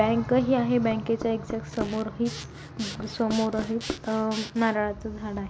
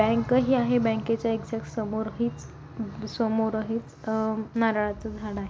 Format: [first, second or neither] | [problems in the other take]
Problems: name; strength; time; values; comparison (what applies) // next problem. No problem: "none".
second | background sound (Zipper (clothing) / Sawing + Knock); 12 dB below the speech